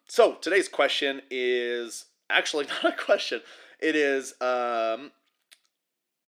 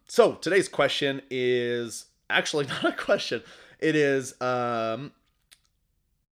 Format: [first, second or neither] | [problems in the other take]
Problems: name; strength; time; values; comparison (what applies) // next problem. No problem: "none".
second | thin; very slightly; fading below 300 Hz